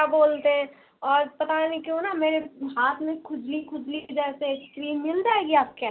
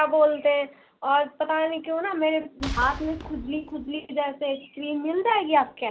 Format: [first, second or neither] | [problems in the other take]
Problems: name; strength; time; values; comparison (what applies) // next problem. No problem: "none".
first | background sound (Boom); 11 dB below the speech